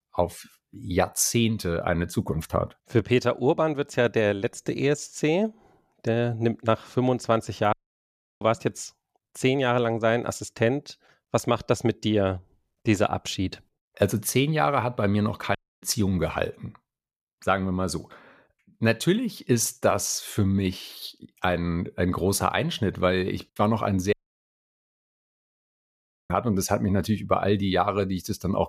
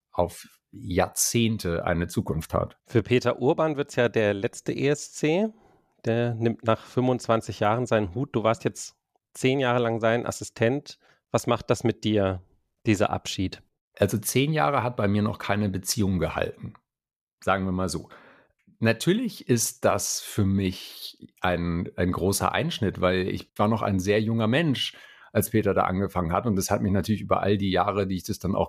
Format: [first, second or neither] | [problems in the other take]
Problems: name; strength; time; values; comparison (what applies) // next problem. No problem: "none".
second | audio cutting out; at 7.5 s for 0.5 s, at 16 s and at 24 s for 2 s